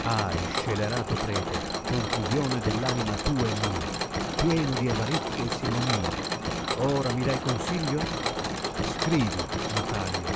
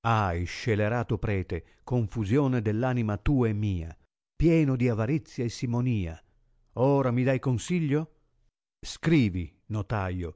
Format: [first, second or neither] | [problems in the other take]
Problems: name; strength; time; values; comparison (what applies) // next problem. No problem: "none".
second | background sound (Mechanisms); as loud as the speech